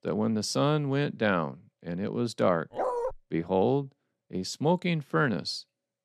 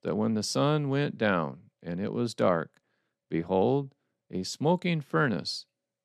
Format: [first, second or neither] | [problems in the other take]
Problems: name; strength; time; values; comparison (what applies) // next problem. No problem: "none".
second | dog barking; noticeable; at 2.5 s; peak 2 dB below the speech